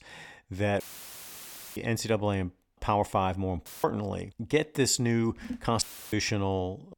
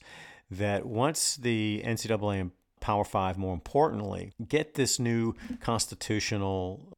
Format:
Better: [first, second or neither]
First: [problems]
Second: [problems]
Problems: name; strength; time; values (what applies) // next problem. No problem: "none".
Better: second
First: audio cutting out; filled with static; at 1 s for 1 s, at 3.5 s and at 6 s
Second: none